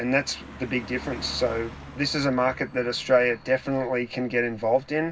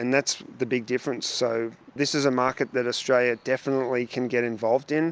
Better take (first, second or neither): second